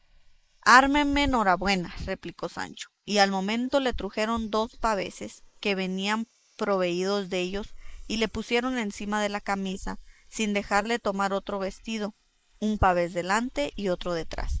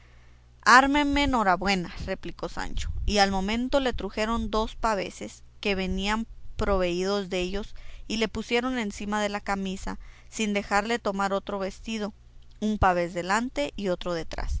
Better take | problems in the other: second | noise reduction (neural mask model Resemble Enhance denoiser)

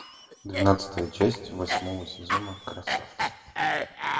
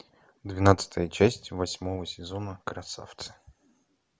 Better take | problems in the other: second | background sound (Cough); 2 dB below the speech // room echo; dies away in 1.1 s

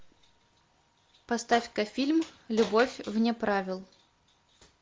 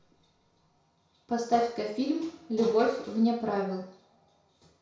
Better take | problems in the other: first | room echo; dies away in 0.6 s

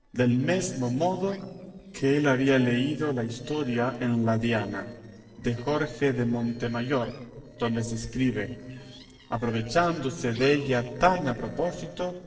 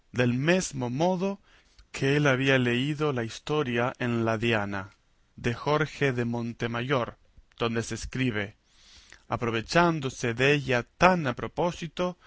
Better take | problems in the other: second | noise reduction (neural separator model SepFormer DNS4)

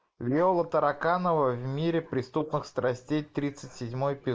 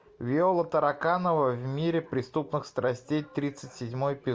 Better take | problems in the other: second | noise reduction (neural mask model Resemble Enhance denoiser)

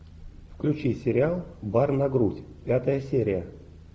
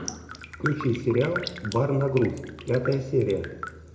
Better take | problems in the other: first | background sound (Raindrop); 12 dB below the speech // room echo; dies away in 0.6 s

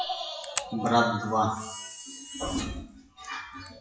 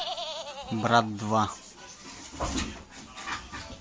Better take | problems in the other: second | noise reduction (classical method WPE with log-MMSE)

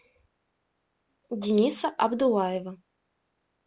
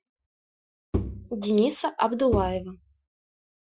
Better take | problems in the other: first | noise reduction (classical method Wiener filter)

